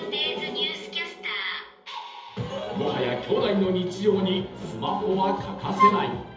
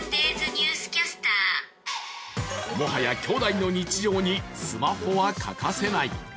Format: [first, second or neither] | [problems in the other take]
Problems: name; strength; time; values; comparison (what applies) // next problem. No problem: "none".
second | background sound (Wind instrument, woodwind instrument); 4 dB above the speech // room echo; dies away in 0.7 s